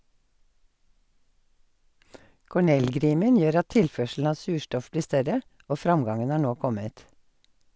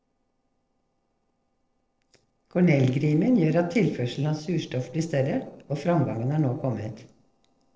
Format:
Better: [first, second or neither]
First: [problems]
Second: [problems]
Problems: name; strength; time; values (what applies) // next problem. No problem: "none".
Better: first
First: none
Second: noise reduction (neural separator model SepFormer DNS4)